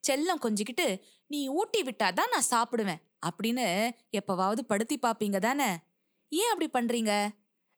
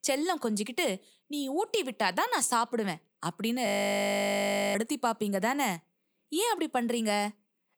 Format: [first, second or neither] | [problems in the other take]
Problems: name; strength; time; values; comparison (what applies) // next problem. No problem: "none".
first | audio freezing; at 3.5 s for 1 s